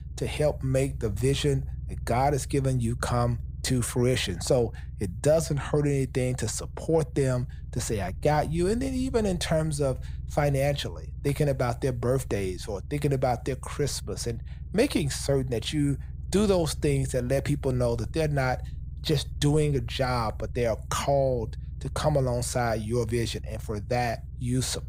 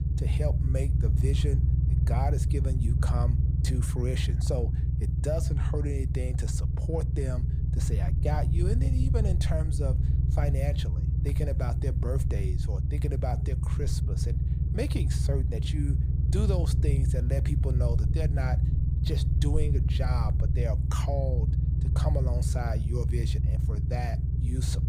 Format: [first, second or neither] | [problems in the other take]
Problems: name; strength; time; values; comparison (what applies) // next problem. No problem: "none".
first | low rumble; loud; throughout; 4 dB below the speech; faint in the first